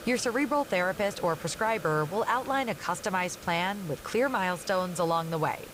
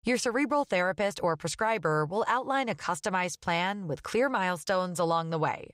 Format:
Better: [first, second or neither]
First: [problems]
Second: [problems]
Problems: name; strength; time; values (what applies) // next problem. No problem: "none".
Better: second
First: hiss; noticeable; throughout; 15 dB below the speech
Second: none